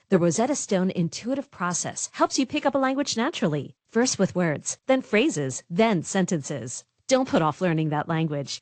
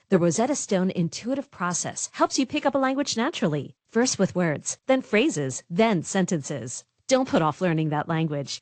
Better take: neither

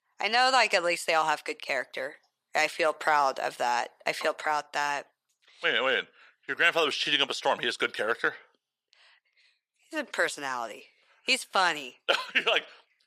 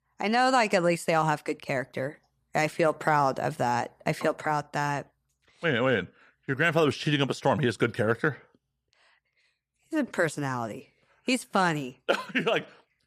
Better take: second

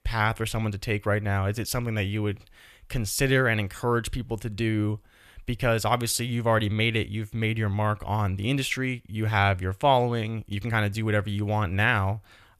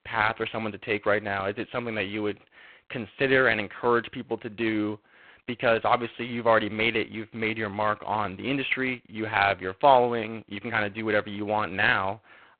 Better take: first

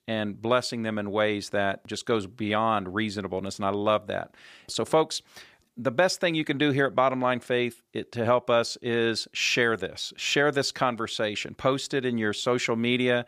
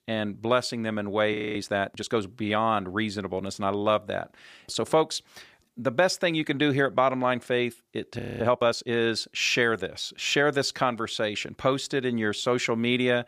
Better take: first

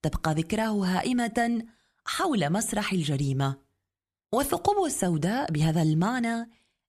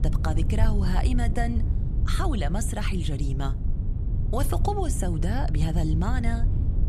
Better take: first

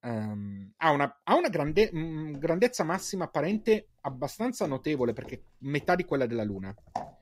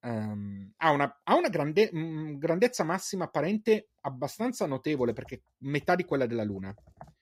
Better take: second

